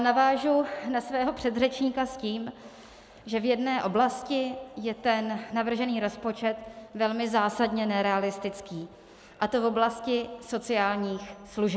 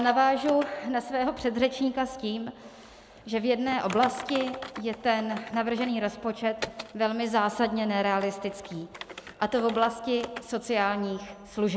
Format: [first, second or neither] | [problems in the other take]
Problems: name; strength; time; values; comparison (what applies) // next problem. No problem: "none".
first | background sound (Typing); 16 dB below the speech